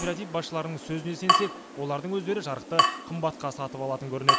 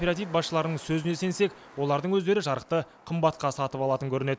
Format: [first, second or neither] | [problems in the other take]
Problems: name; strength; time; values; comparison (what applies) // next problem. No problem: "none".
second | background sound (Drip / Water tap, faucet); 2 dB above the speech